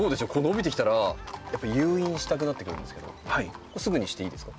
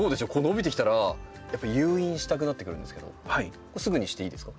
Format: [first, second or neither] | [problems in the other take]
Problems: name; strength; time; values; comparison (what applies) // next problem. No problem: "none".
second | background sound (Livestock, farm animals, working animals); 16 dB below the speech